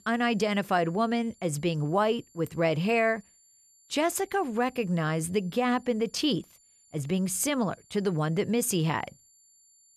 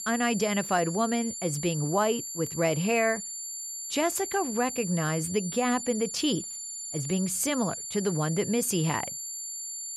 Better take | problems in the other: first | high-pitched whine; loud; throughout; 7 kHz, 6 dB below the speech; faint in the first

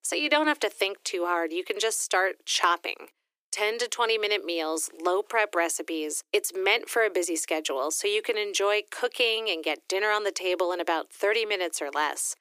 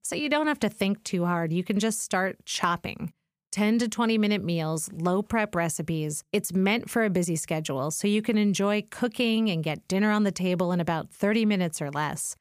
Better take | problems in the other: second | thin; very; fading below 300 Hz

